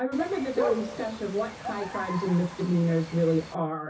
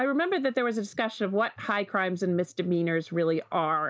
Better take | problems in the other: second | background sound (Bird); 7 dB below the speech // room echo; dies away in 0.3 s

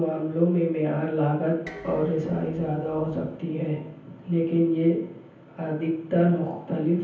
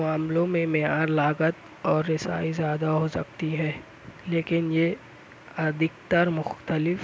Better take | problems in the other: second | background sound (Dishes, pots, and pans); 20 dB below the speech // room echo; dies away in 0.7 s

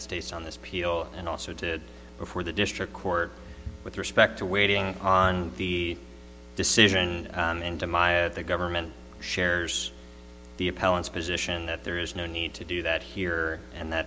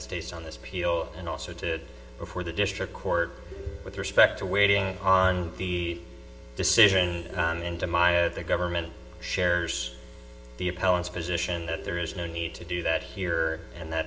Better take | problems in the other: first | background sound (Plucked string instrument); 20 dB below the speech // room echo; dies away in 1.4 s

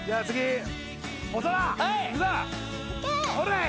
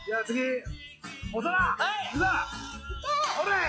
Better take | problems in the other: first | noise reduction (classical method WPE with log-MMSE)

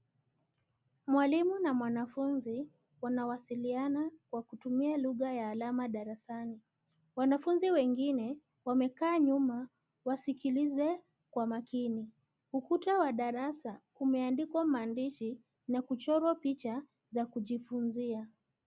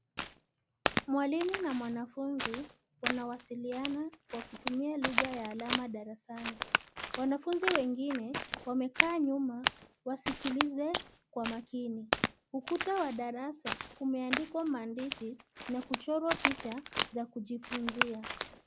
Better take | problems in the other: first | background sound (Crack); 2 dB below the speech

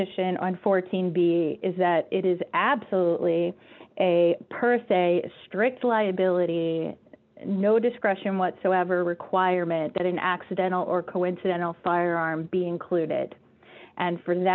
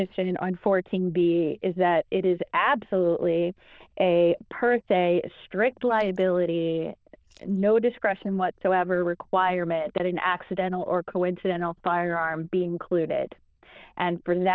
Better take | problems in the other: first | noise reduction (neural diffusion model UNIVERSE++)

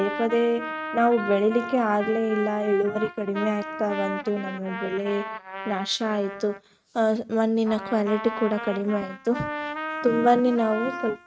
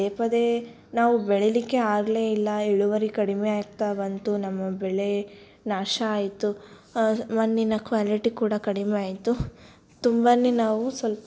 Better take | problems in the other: second | noise reduction (neural mask model RNNoise)

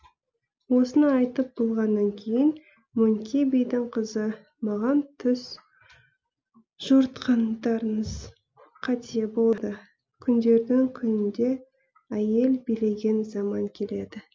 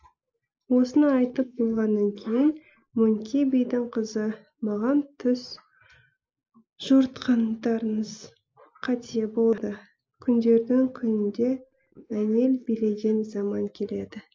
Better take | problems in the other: first | noise reduction (neural mask model Resemble Enhance denoiser)

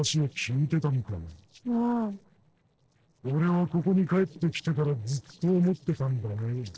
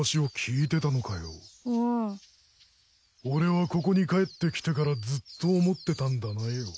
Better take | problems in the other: second | noise reduction (neural separator model SepFormer DNS4)

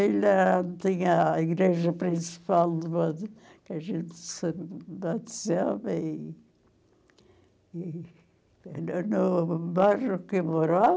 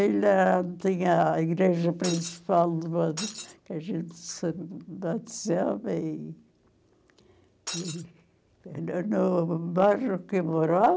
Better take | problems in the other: first | background sound (Shatter); 10 dB below the speech

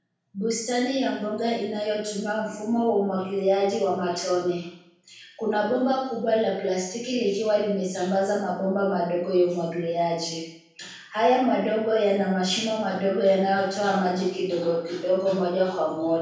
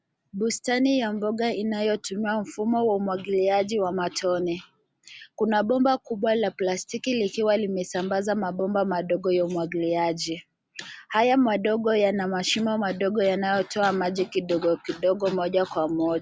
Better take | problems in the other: second | room echo; dies away in 0.6 s

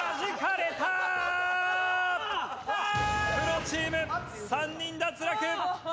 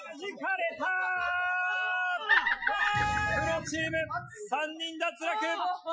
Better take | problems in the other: first | noise reduction (classical method Wiener filter)

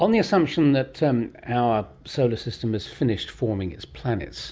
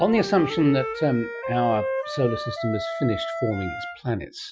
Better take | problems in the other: first | noise reduction (classical method Wiener filter)

